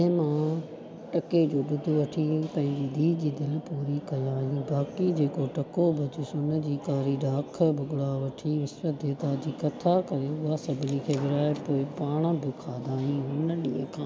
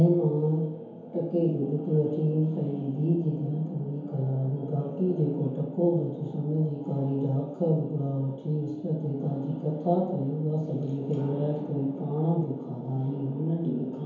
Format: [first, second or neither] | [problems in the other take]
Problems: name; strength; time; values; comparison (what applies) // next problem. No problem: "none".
first | room echo; dies away in 1 s